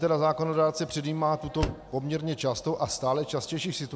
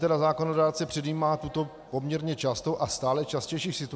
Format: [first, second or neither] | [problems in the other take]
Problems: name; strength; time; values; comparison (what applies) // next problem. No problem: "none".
second | background sound (Slam); 11 dB below the speech